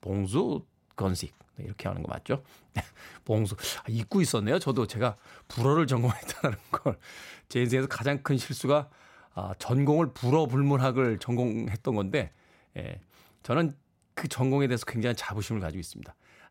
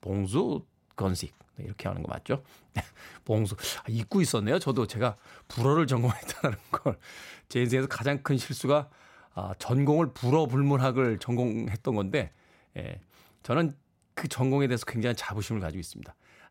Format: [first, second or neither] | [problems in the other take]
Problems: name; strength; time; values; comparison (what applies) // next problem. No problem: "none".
neither | none